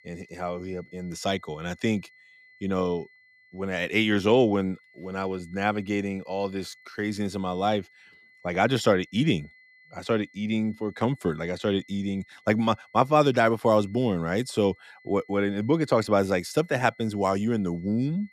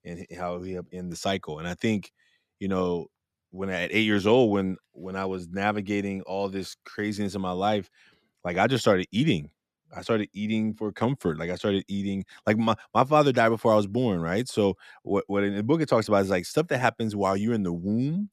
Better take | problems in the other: second | high-pitched whine; faint; throughout; 2 kHz, 30 dB below the speech

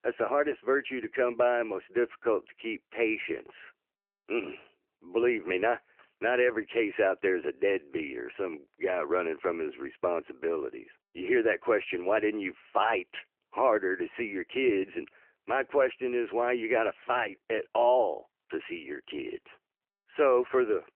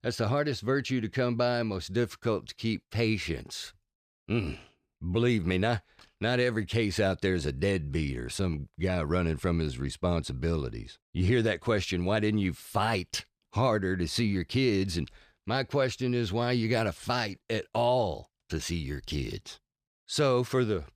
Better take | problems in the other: second | phone-call audio; nothing above 3 kHz

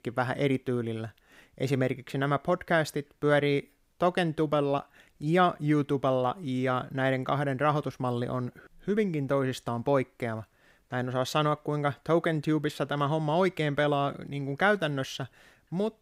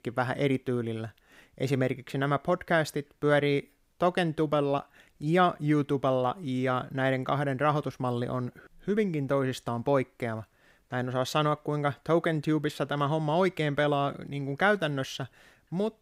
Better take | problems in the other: neither | none

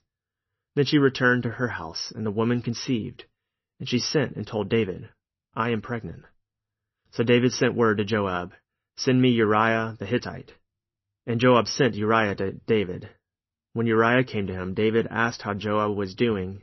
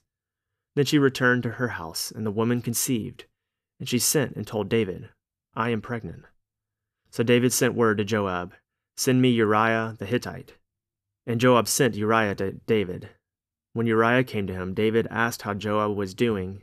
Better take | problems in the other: second | garbled, watery; slightly; nothing above 6 kHz

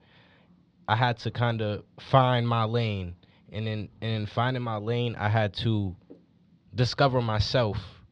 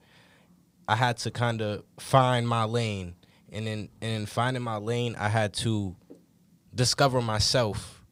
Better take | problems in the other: second | muffled; very slightly; fading above 4 kHz

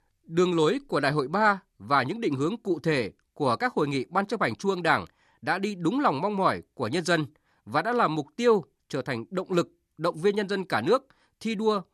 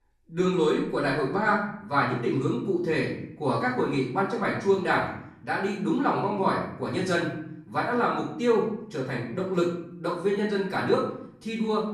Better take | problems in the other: first | off-mic speech; far // room echo; noticeable; dies away in 0.7 s

